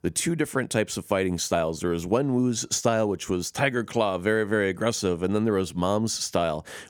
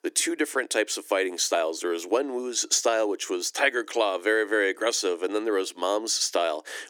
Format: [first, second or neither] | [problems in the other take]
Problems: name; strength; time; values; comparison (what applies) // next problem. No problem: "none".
first | thin; somewhat; fading below 300 Hz